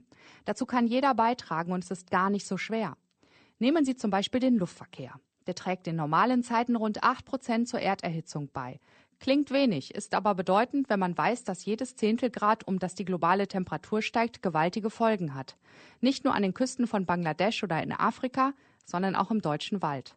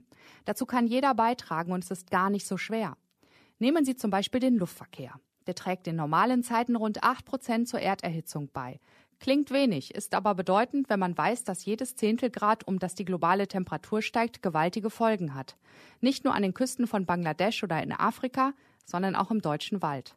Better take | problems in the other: second | garbled, watery; slightly; nothing above 8.5 kHz

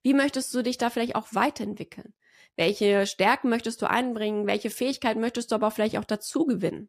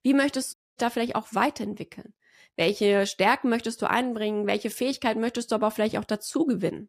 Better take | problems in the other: first | audio cutting out; at 0.5 s

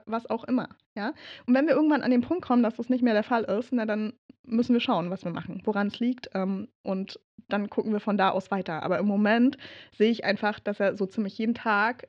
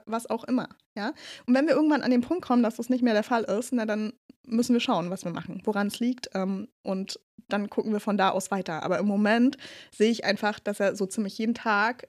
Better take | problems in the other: second | muffled; very slightly; fading above 4 kHz

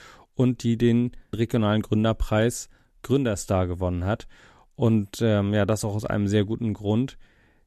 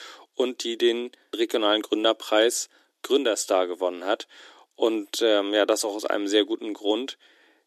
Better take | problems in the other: first | thin; very; fading below 300 Hz

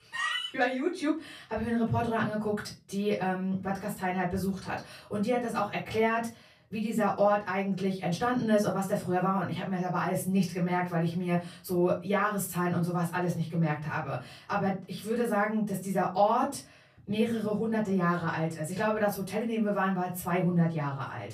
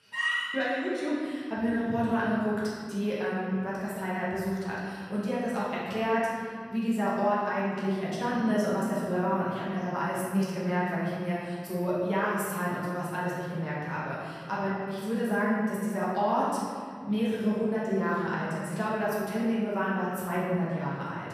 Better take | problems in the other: first | room echo; strong; dies away in 2 s; slight in the first // off-mic speech; far; far in the first

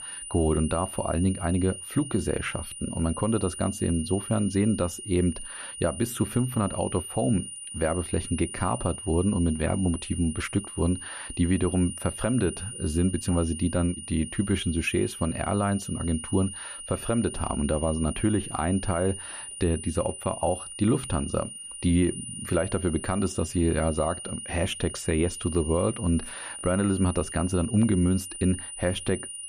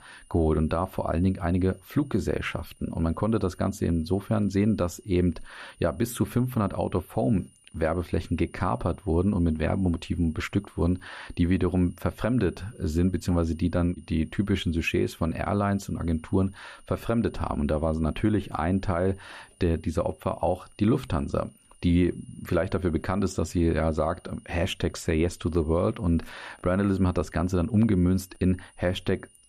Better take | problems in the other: second | high-pitched whine; loud; throughout; 9.5 kHz, 9 dB below the speech; faint in the second

